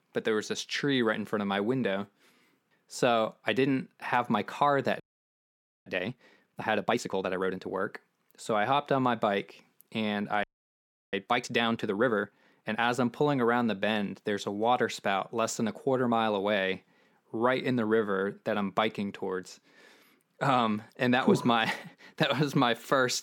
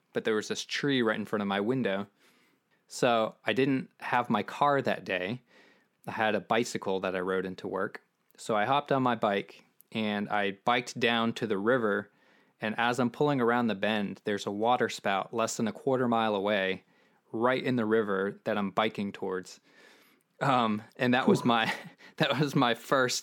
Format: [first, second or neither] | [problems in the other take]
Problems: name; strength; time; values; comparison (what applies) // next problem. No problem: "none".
second | audio freezing; at 5 s for 1 s and at 10 s for 0.5 s